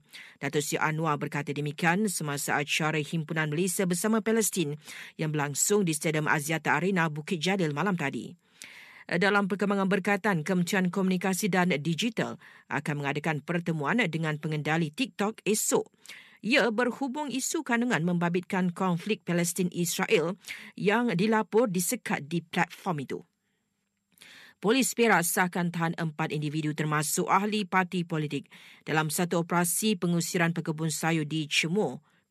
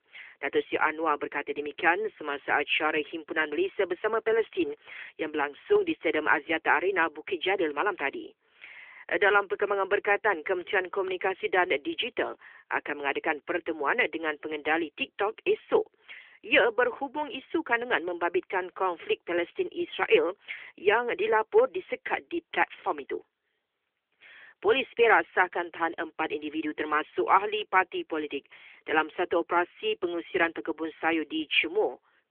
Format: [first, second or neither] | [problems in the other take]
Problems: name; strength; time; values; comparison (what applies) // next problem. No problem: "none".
first | phone-call audio; nothing above 3.5 kHz